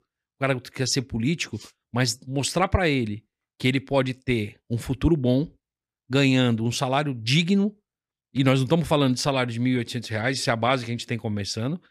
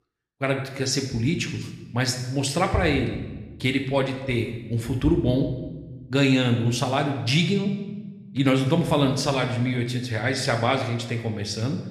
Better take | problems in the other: first | room echo; slight; dies away in 0.9 s

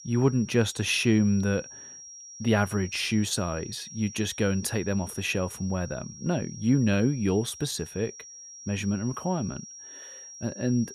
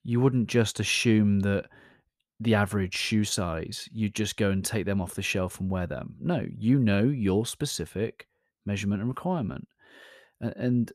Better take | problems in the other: second | high-pitched whine; noticeable; throughout; 5.5 kHz, 15 dB below the speech

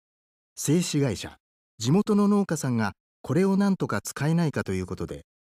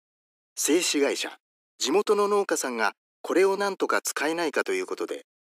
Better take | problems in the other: first | thin; very; fading below 300 Hz

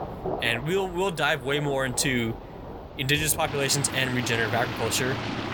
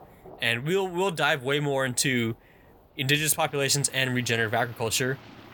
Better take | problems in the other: second | rain or running water; loud; throughout; 9 dB below the speech; faint in the second

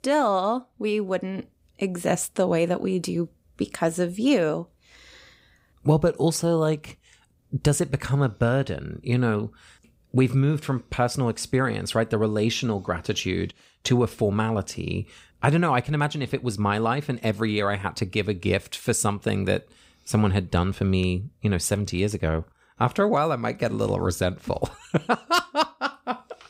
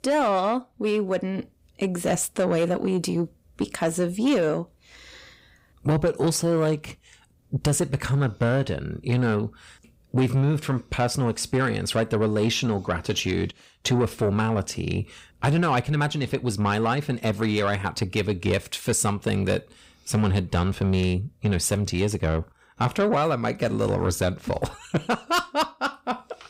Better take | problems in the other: first | distortion; slight; 10 dB below the speech

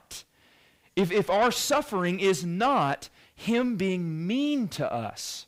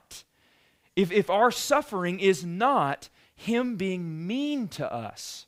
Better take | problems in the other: second | distortion; slight; 10 dB below the speech

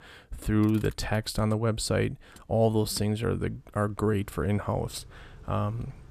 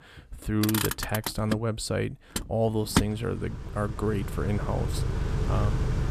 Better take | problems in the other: first | traffic noise; loud; throughout; 1 dB below the speech; faint in the first

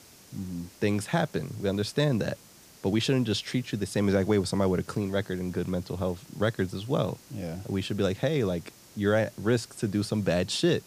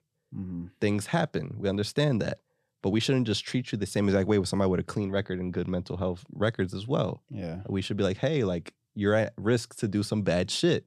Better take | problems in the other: second | hiss; faint; throughout; 20 dB below the speech

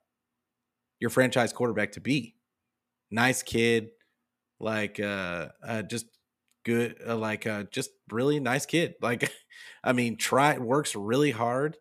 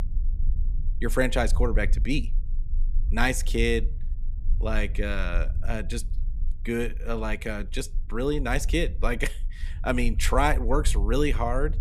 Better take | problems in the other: first | low rumble; faint; throughout; 25 dB below the speech

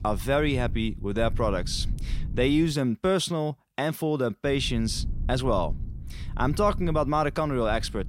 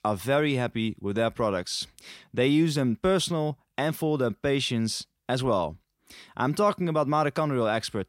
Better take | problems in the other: second | low rumble; faint; until 2.5 s and from 4.5 s on; 20 dB below the speech

